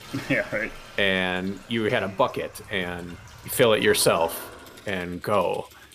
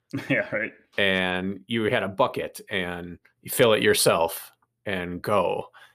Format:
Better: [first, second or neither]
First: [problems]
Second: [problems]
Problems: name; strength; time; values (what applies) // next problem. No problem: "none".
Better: second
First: household noises; noticeable; throughout; 20 dB below the speech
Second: none